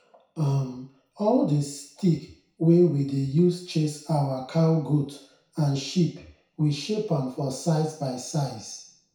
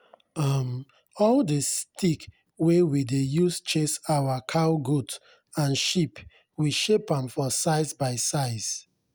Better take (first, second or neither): second